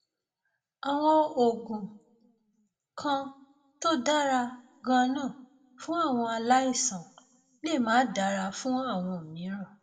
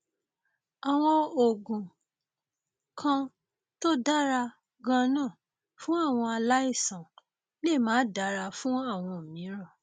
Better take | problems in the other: second | room echo; dies away in 0.4 s

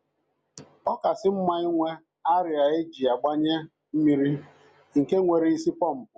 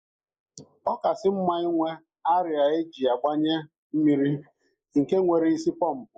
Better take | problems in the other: first | noise reduction (neural mask model Resemble Enhance denoiser)

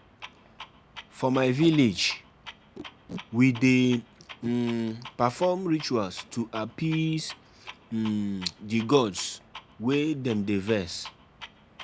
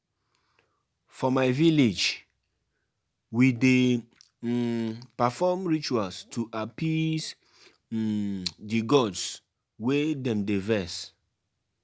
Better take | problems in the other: second | background sound (Clock + Packing tape, duct tape); 19 dB below the speech

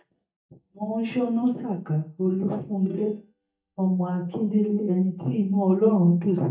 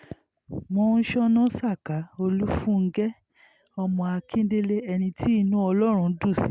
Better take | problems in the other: second | noise reduction (neural mask model DeepFilterNet 3)

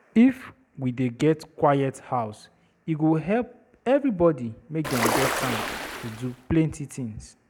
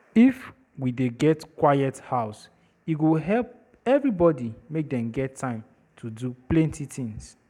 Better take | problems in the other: second | background sound (Ocean); 3 dB below the speech

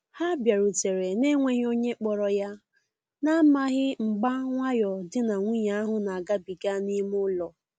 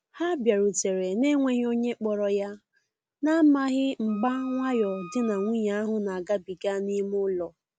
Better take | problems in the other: first | background sound (Wind instrument, woodwind instrument); 20 dB below the speech

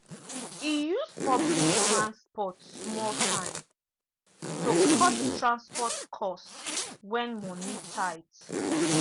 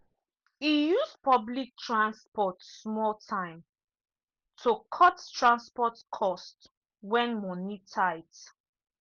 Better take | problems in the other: second | background sound (Zipper (clothing)); 2 dB above the speech

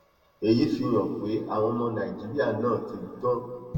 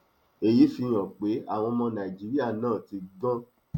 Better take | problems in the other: second | room echo; dies away in 1.7 s

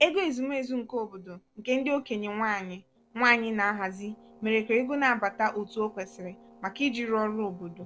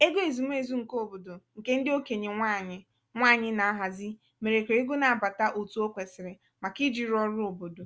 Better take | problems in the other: second | noise reduction (neural separator model SepFormer DNS4)

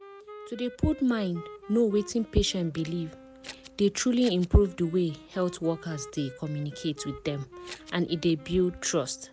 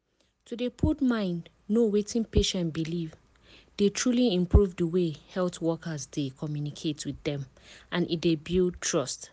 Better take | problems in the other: second | background sound (Wind instrument, woodwind instrument + Scissors); 18 dB below the speech

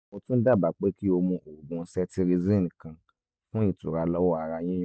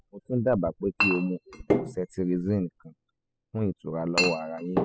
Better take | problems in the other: first | noise reduction (classical method spectral subtraction)

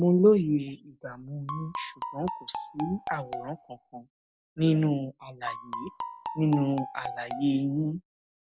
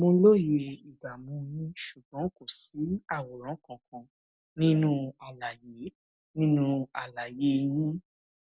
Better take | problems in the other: second | background sound (Marimba, xylophone); 10 dB below the speech

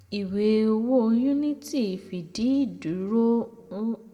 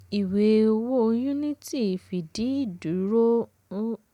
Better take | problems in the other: second | room echo; dies away in 1.2 s

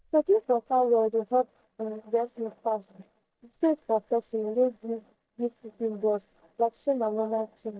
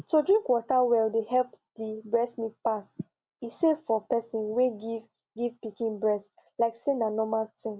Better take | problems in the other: second | noise reduction (neural mask model DeepFilterNet 3)

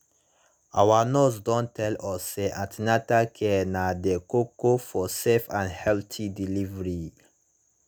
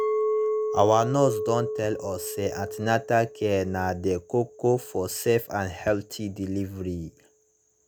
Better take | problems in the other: first | background sound (Chink, clink); 6 dB below the speech

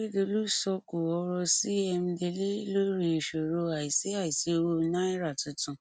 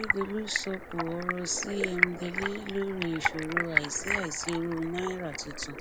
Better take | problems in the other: first | background sound (Stream); as loud as the speech

